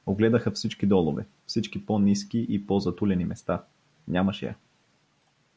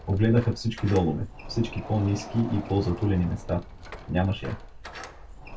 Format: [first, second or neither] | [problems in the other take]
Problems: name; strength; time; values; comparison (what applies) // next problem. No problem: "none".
first | background sound (Door); 14 dB below the speech // room echo; dies away in 0.1 s